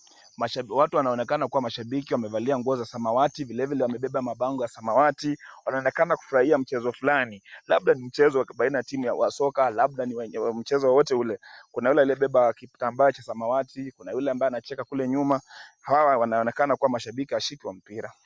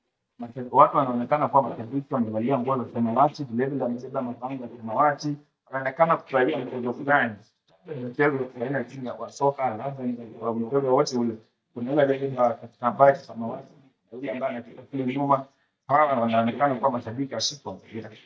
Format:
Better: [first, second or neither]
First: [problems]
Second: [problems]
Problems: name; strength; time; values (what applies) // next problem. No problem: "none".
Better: first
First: none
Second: noise reduction (neural mask model DeepFilterNet 3)